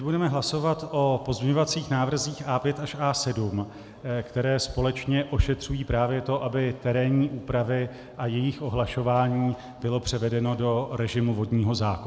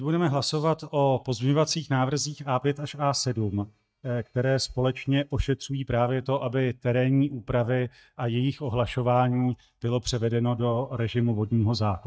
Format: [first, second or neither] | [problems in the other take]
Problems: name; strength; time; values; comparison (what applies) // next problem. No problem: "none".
first | noise reduction (neural mask model DeepFilterNet 3)